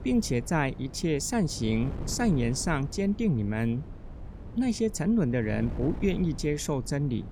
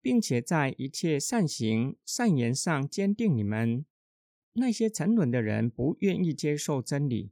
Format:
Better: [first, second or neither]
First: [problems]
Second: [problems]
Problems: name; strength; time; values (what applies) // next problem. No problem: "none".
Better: second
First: wind noise on the microphone; occasional gusts; 15 dB below the speech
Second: none